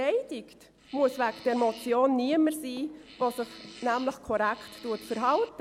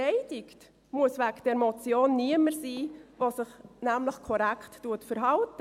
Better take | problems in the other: second | background sound (Fart); 20 dB below the speech

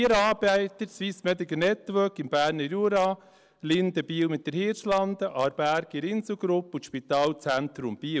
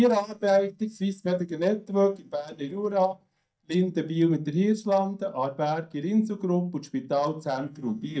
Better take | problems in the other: first | noise reduction (neural mask model DeepFilterNet 3)

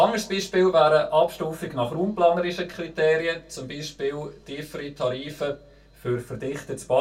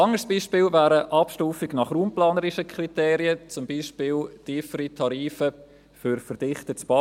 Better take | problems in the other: second | room echo; dies away in 0.2 s

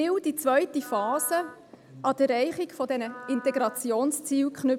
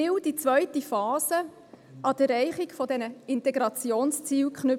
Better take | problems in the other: second | background sound (Wind instrument, woodwind instrument); 20 dB below the speech

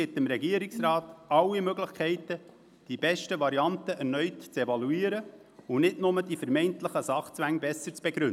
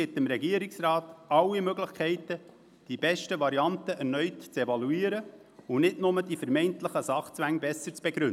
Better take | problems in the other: second | background sound (Brass instrument); 12 dB below the speech

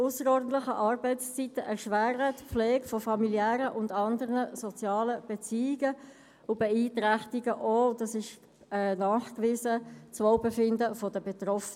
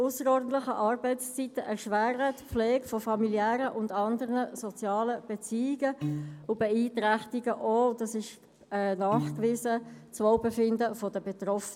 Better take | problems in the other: first | background sound (Piano); 7 dB below the speech

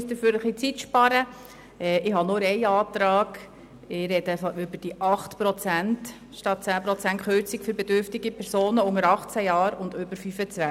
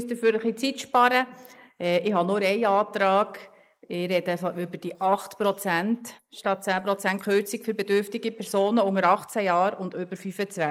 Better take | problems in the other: first | noise reduction (neural mask model Resemble Enhance denoiser)

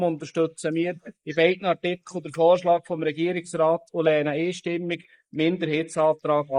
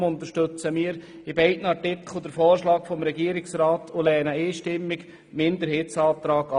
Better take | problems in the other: second | noise reduction (neural mask model Resemble Enhance denoiser)

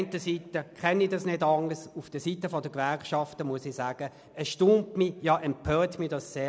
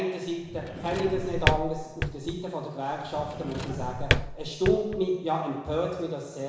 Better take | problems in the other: first | background sound (Drawer open or close); 1 dB below the speech // room echo; dies away in 0.9 s

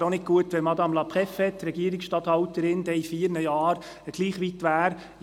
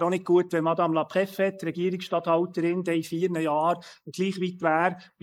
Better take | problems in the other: first | noise reduction (neural mask model Resemble Enhance denoiser)

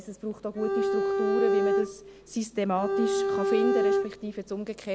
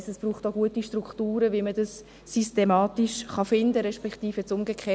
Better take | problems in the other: second | background sound (Bowed string instrument); 5 dB above the speech

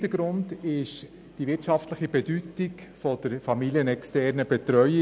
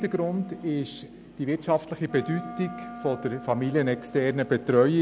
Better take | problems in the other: first | background sound (Wind instrument, woodwind instrument); 16 dB below the speech

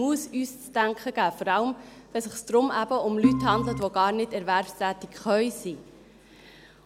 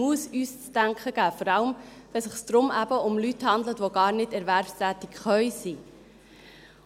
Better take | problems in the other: second | background sound (Organ); 1 dB above the speech

